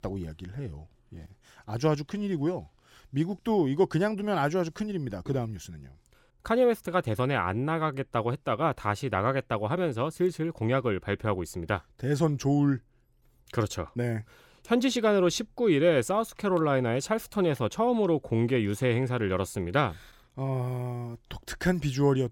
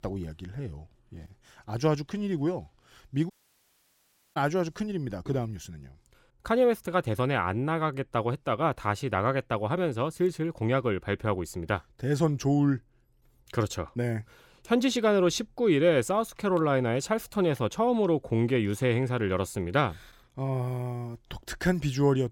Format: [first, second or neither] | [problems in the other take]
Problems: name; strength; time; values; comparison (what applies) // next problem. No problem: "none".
first | audio cutting out; at 3.5 s for 1 s